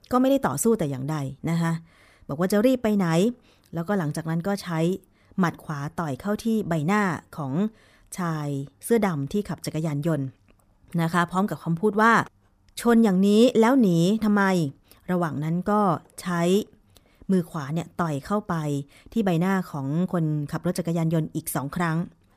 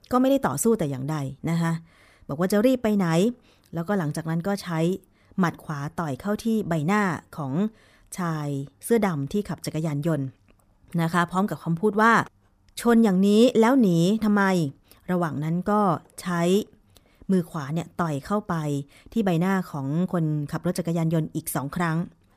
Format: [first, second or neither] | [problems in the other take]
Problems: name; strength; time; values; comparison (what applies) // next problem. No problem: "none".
neither | none